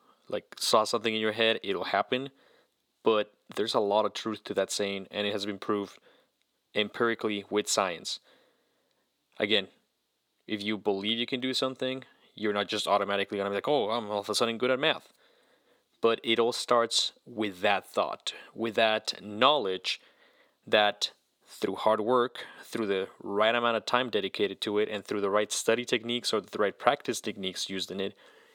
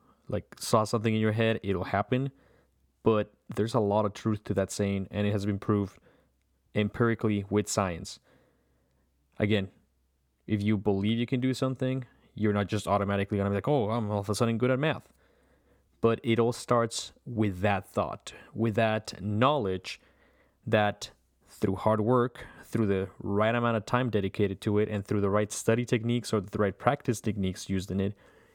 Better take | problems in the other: second | thin; somewhat; fading below 350 Hz

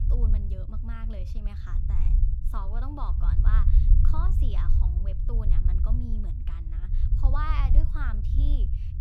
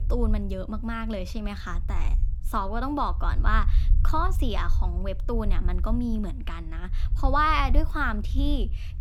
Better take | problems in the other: second | low rumble; loud; throughout; 5 dB below the speech; faint in the second

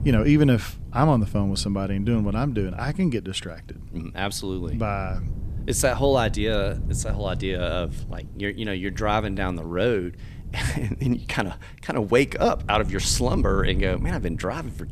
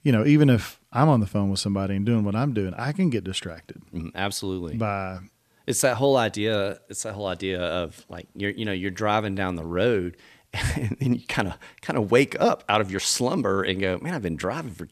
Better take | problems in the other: second | wind noise on the microphone; occasional gusts; 20 dB below the speech

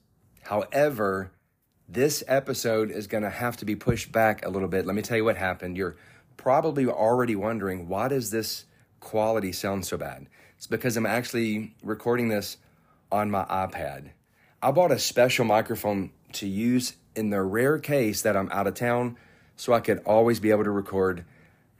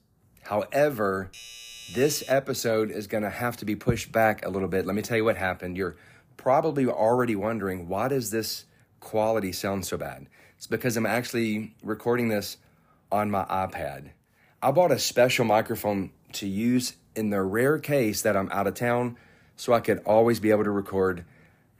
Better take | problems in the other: first | doorbell; faint; from 1 to 2.5 s; peak 15 dB below the speech

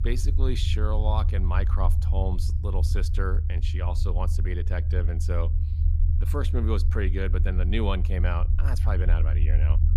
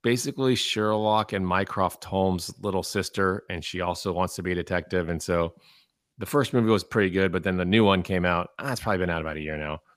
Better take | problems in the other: second | low rumble; loud; throughout; 8 dB below the speech

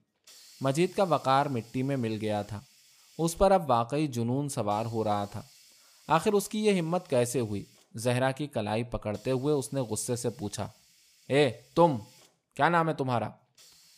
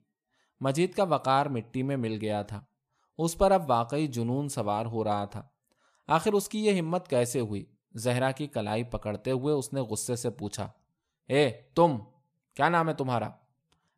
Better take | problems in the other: second | hiss; faint; throughout; 25 dB below the speech

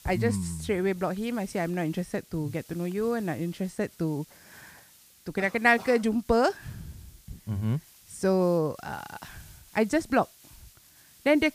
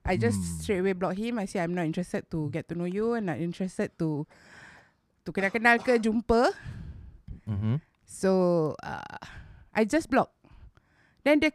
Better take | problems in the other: second | hiss; faint; throughout; 25 dB below the speech

